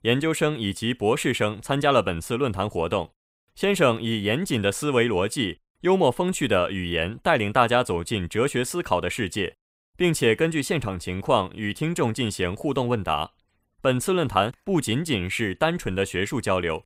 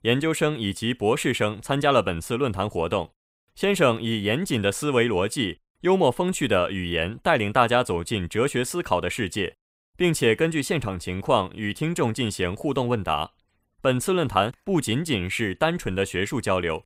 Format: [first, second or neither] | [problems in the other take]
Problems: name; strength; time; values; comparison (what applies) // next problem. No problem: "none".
neither | none